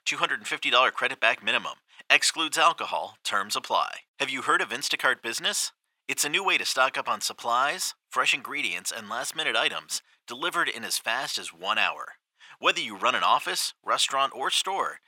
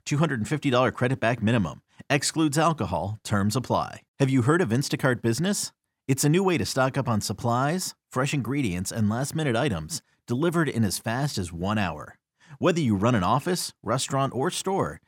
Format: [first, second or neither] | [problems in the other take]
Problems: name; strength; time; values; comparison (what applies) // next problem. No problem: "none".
second | thin; very; fading below 700 Hz